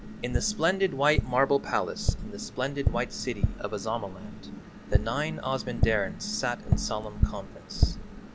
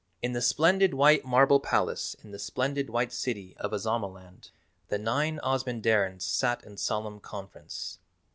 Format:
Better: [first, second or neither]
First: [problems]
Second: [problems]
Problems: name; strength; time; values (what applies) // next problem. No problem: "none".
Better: second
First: background sound (Tap); as loud as the speech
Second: none